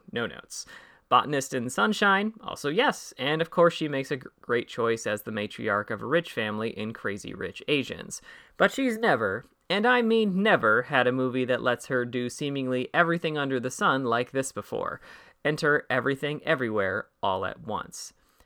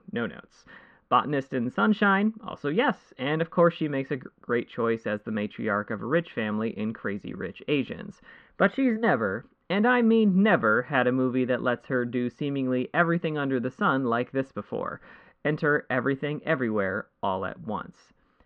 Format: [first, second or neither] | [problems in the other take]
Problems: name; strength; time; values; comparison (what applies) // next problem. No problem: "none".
first | muffled; very; fading above 2.5 kHz